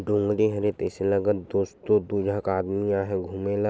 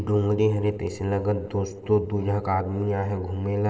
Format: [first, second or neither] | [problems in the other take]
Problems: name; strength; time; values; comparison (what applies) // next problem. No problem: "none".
first | room echo; dies away in 2.5 s